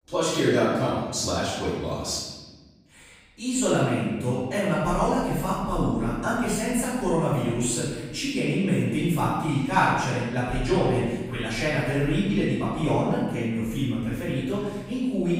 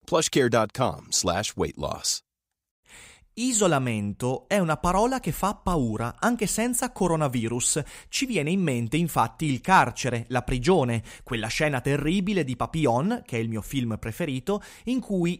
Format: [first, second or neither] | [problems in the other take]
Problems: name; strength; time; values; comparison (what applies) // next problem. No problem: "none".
second | room echo; strong; dies away in 1.3 s // off-mic speech; far